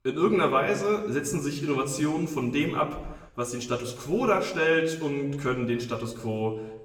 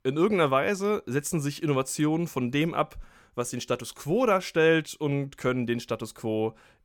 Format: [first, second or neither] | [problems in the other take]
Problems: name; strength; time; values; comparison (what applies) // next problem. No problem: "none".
second | room echo; slight; dies away in 1 s // off-mic speech; somewhat distant